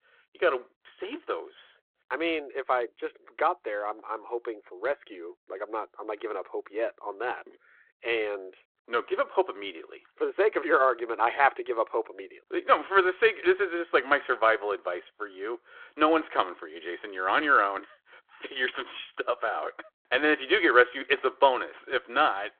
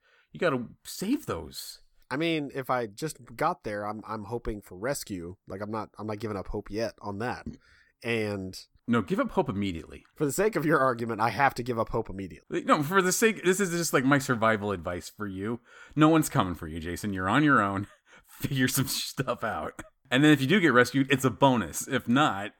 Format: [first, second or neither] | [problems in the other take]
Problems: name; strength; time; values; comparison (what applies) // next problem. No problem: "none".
second | phone-call audio